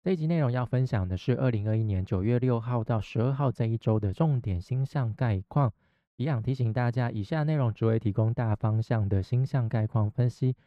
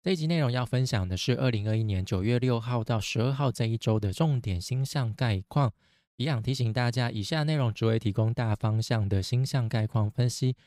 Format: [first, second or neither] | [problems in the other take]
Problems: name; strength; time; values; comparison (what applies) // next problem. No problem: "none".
second | muffled; very; fading above 3 kHz